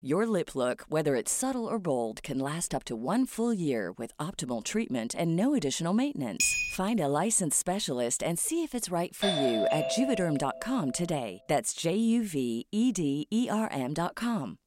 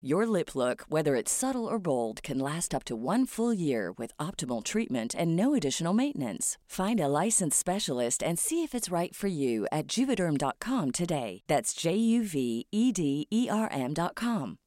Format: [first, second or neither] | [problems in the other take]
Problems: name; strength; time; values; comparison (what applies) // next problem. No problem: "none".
second | clattering dishes; loud; at 6.5 s; peak 3 dB above the speech // doorbell; loud; from 9 to 11 s; peak 1 dB above the speech